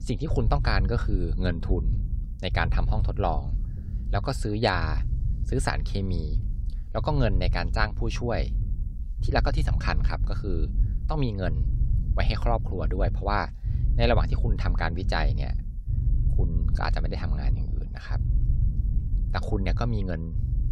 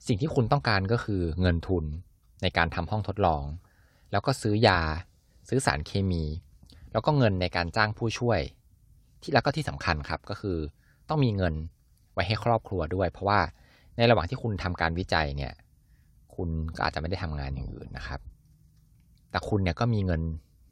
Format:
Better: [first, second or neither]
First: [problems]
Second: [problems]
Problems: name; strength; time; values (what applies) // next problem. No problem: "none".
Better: second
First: low rumble; noticeable; throughout; 15 dB below the speech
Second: none